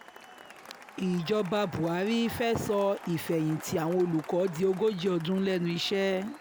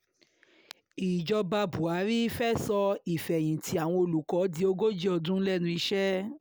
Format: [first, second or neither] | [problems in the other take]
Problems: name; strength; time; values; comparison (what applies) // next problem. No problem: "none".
second | background sound (Applause / Cheering); 17 dB below the speech